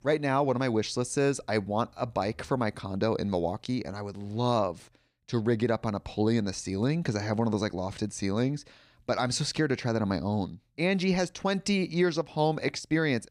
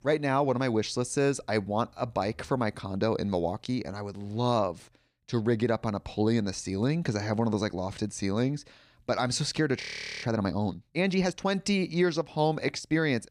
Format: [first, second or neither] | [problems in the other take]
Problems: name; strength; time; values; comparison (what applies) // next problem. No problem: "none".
first | audio freezing; at 10 s